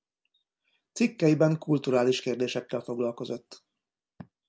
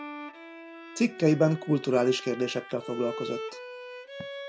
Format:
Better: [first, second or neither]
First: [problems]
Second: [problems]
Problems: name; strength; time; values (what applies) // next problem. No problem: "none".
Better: first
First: none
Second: background sound (Bowed string instrument); 12 dB below the speech